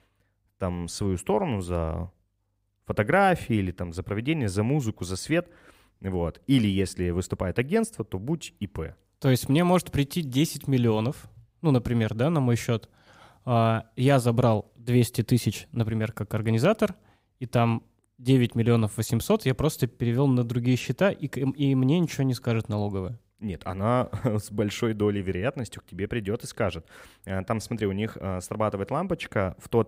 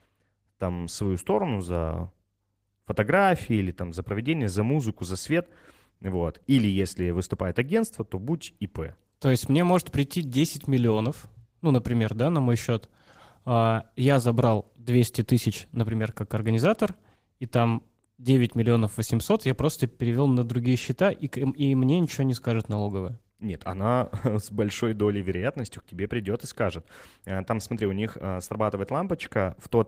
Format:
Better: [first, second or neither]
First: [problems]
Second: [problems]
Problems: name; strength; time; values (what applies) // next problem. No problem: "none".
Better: first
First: none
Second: garbled, watery; slightly; nothing above 15.5 kHz